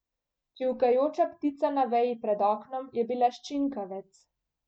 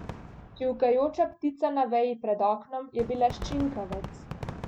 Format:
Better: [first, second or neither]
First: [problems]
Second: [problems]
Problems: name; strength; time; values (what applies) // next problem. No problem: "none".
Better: first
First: none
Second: background sound (Fireworks); 13 dB below the speech